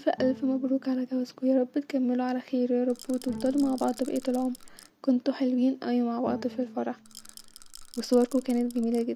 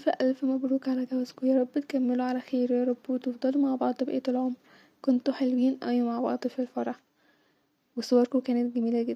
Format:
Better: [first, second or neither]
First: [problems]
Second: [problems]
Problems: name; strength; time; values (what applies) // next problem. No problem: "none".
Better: second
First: background sound (Rattle / Rattle (instrument) + Bowed string instrument); 18 dB below the speech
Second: none